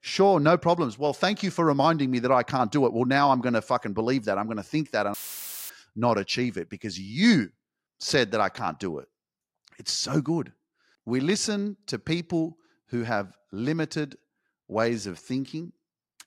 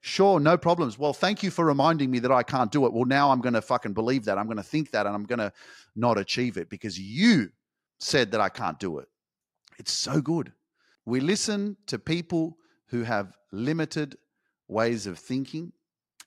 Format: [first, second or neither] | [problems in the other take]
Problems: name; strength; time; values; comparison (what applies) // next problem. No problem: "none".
second | audio cutting out; filled with static; at 5 s for 0.5 s